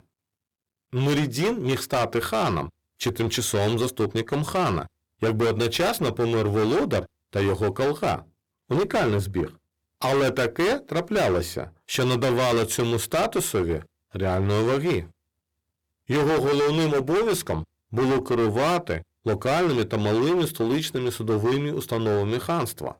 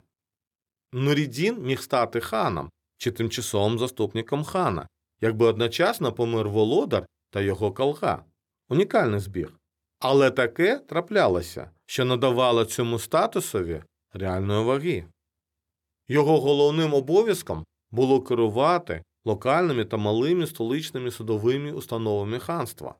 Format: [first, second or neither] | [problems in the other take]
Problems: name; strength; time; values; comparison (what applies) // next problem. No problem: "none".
second | distortion; heavy; 22% of the sound clipped